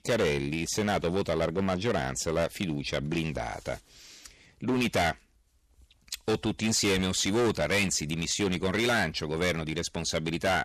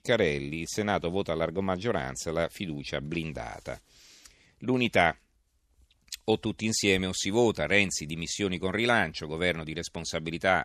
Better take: second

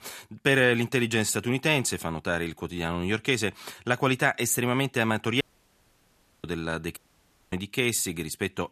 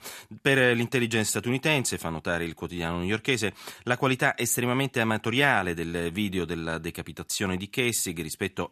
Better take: second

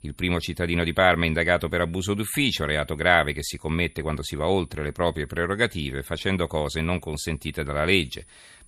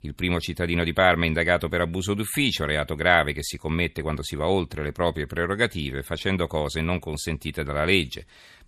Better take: second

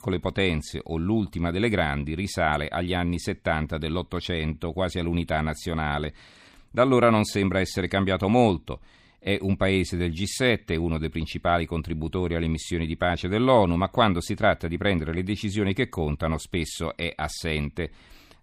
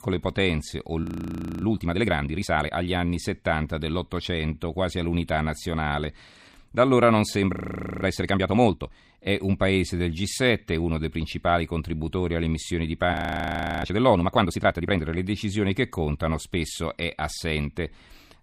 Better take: first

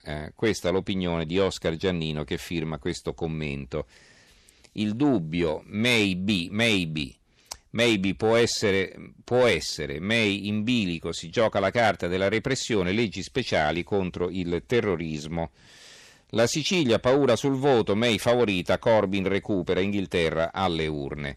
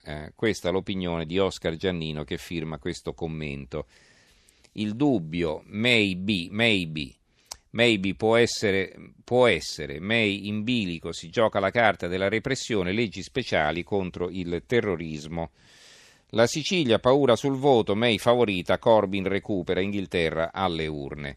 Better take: second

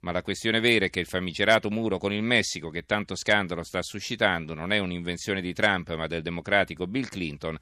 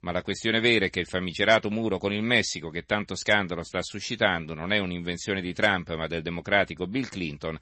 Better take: first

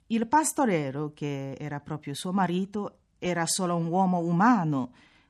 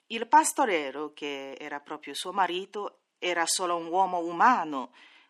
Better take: first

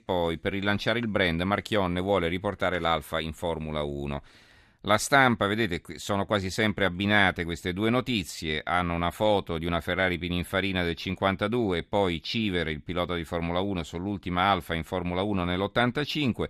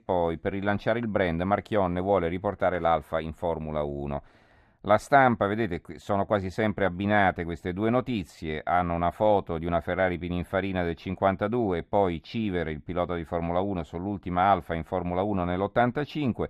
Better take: first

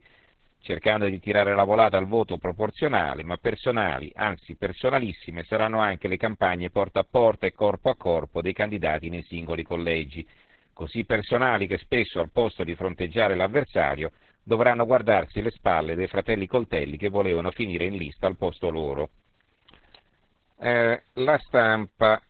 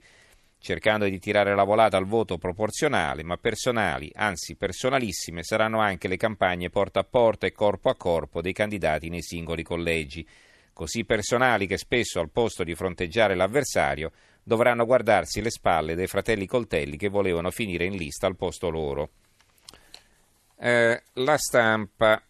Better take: second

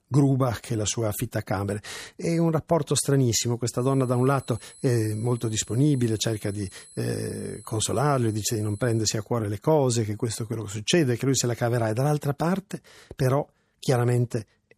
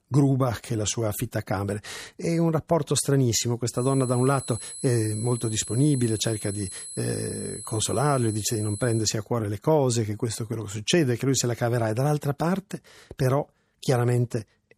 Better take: first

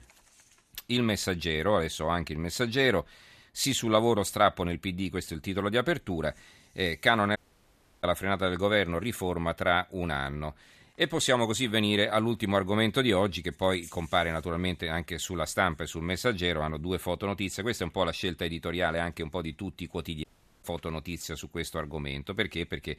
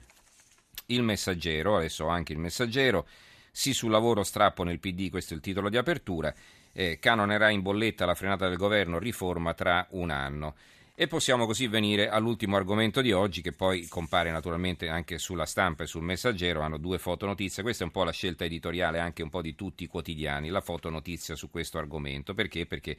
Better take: second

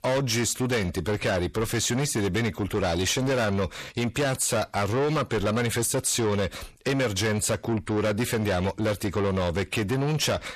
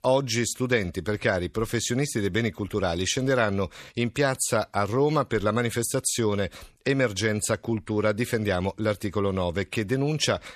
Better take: second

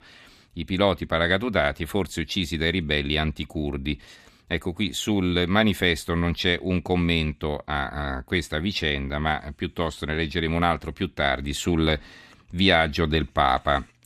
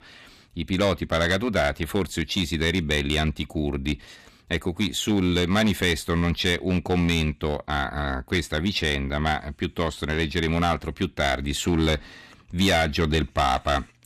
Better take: first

